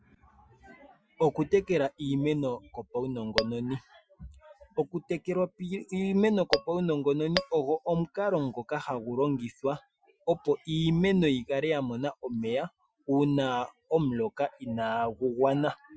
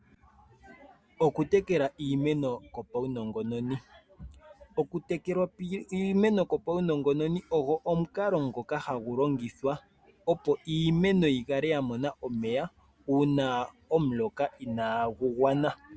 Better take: second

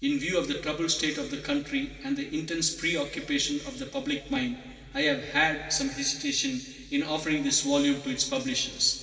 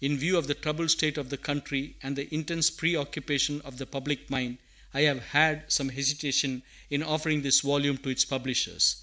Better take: second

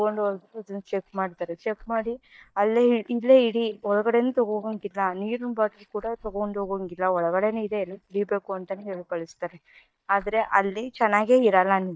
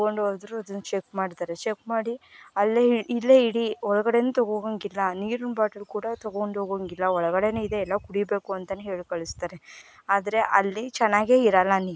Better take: second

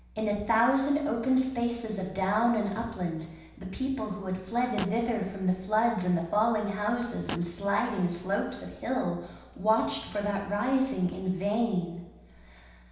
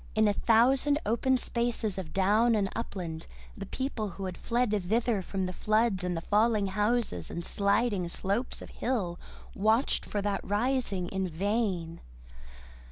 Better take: second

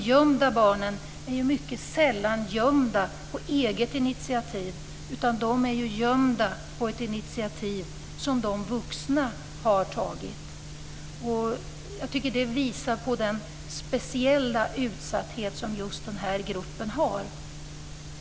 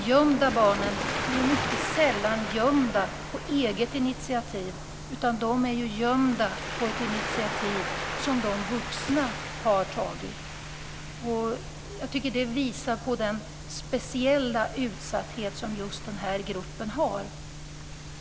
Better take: first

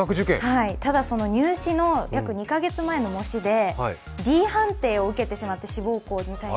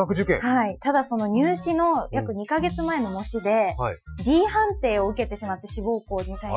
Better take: first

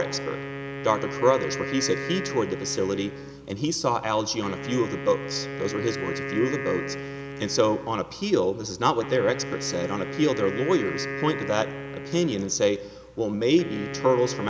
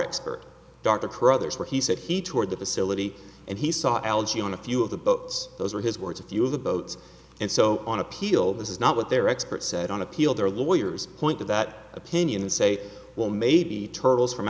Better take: second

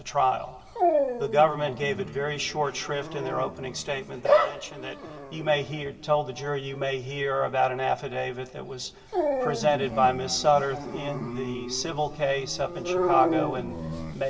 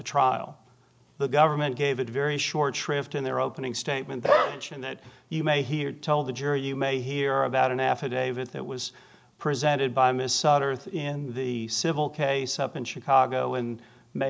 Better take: second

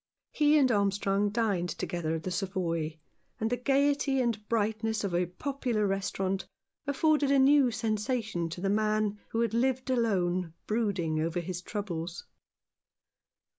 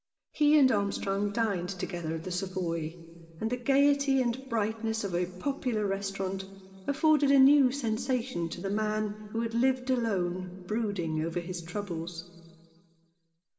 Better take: first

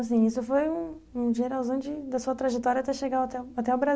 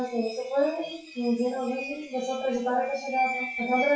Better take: first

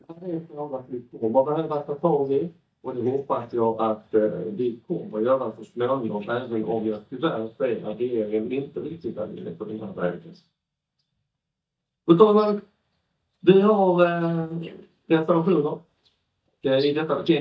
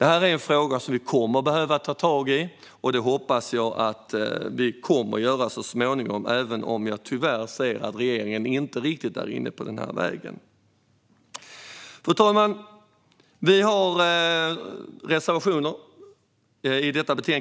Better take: second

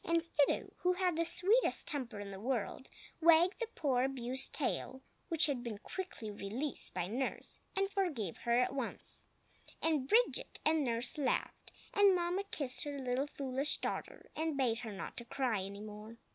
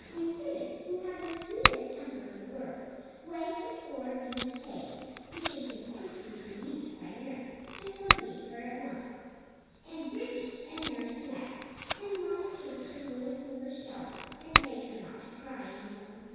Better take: first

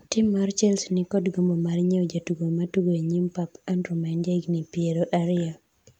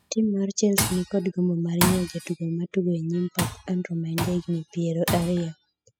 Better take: first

